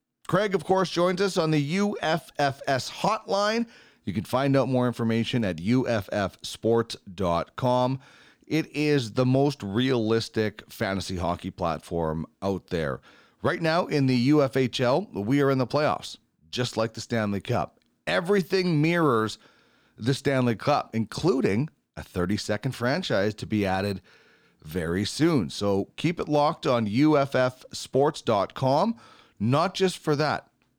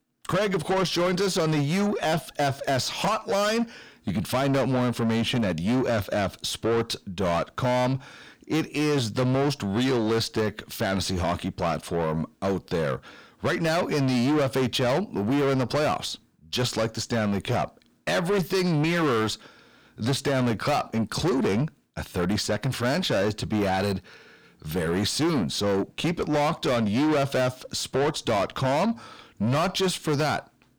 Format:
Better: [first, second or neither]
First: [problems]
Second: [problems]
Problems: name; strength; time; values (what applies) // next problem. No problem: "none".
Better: first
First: none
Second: distortion; heavy; 7 dB below the speech